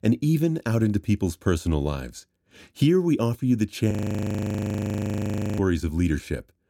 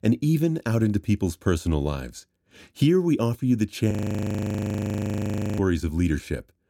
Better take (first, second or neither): neither